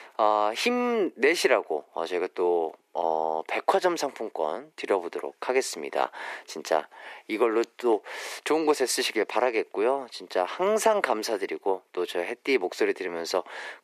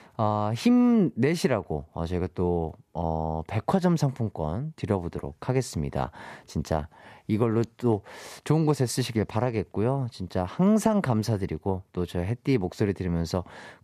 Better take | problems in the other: second | thin; very; fading below 350 Hz

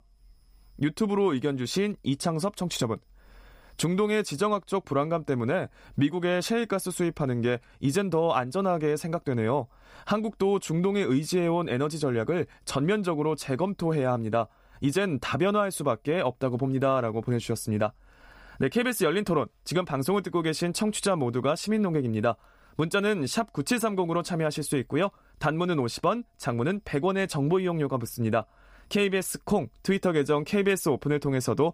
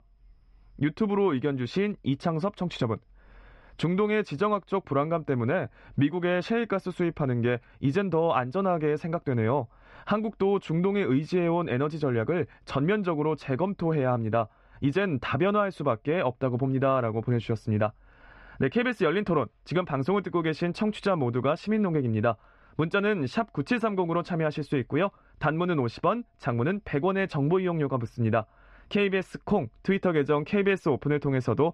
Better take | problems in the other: first | muffled; slightly; fading above 2.5 kHz

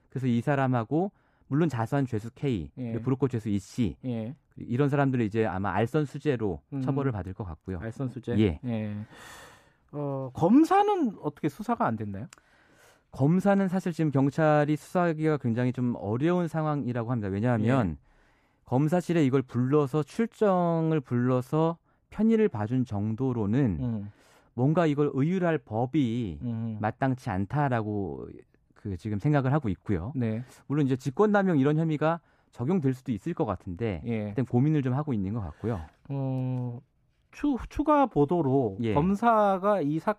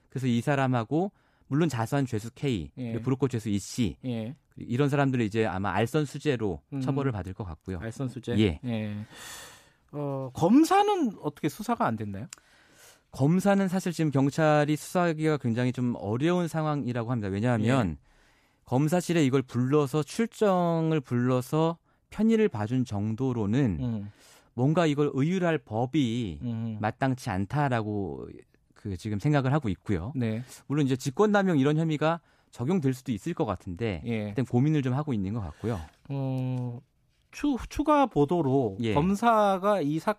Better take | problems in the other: second | muffled; slightly; fading above 2.5 kHz

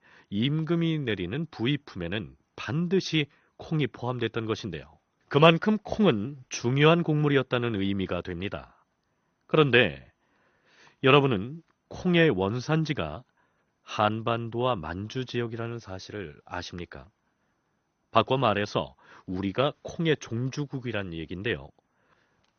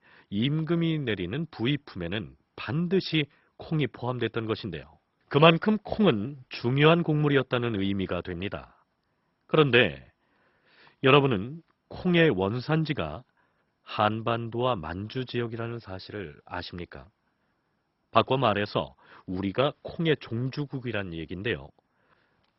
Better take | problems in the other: first | garbled, watery; badly; nothing above 5.5 kHz; slightly in the first

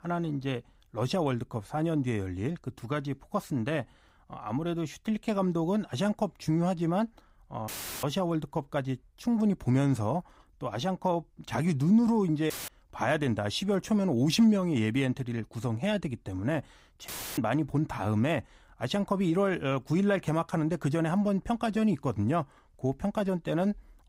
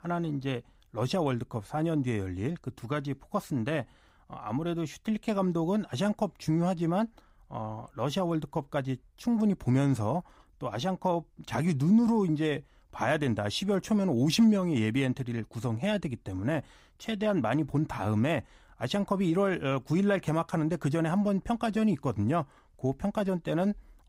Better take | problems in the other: second | audio cutting out; filled with static; at 7.5 s, at 13 s and at 17 s

